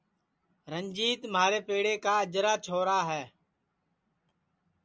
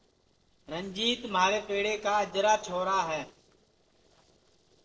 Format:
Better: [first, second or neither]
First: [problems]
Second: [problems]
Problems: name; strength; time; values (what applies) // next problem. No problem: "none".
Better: first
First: none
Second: noise reduction (neural separator model SepFormer DNS4)